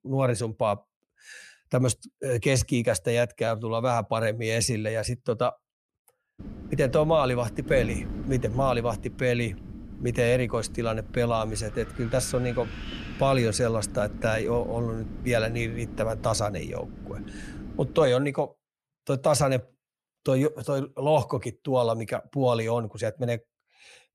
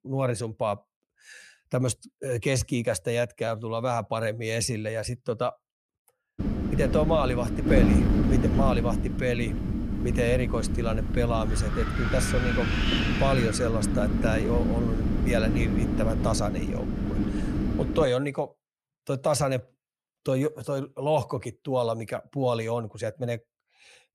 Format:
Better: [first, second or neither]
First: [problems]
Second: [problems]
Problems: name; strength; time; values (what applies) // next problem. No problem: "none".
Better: first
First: wind noise on the microphone; occasional gusts; from 6.5 to 18 s; 20 dB below the speech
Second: wind noise on the microphone; heavy; from 6.5 to 18 s; 4 dB below the speech